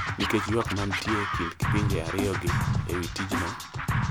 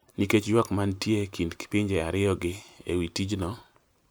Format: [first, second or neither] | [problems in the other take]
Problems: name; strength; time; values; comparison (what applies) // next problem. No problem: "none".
second | background sound (Scratching (performance technique)); 3 dB above the speech